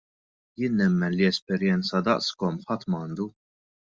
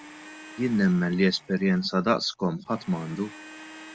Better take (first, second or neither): first